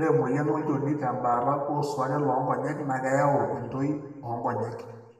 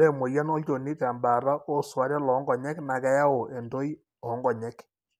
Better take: second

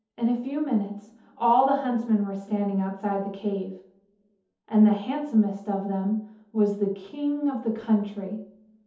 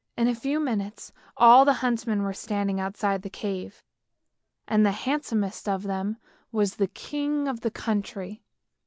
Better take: second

